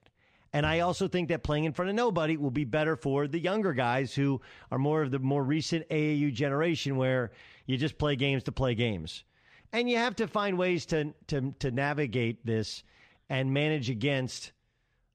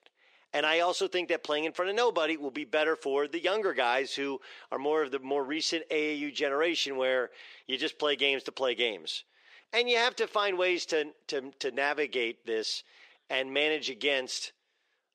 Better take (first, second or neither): first